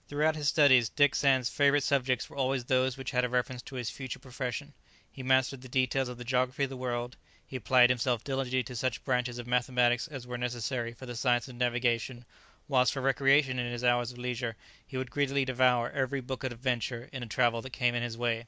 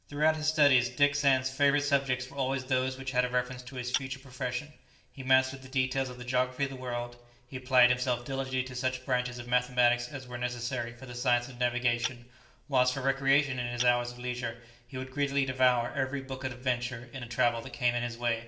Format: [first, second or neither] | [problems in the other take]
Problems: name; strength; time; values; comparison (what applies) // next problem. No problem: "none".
first | noise reduction (neural separator model SepFormer DNS4)